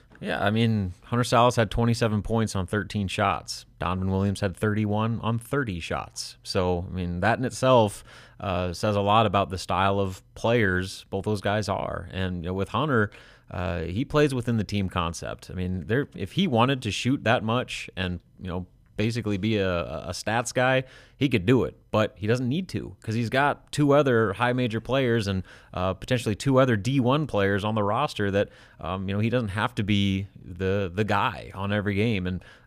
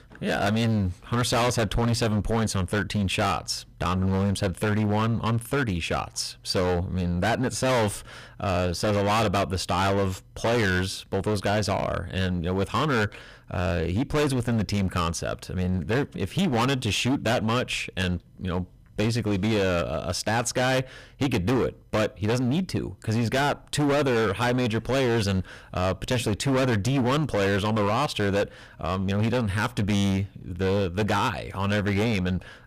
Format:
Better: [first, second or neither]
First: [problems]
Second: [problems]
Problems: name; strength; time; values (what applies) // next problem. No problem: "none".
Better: first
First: none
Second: distortion; heavy; 20% of the sound clipped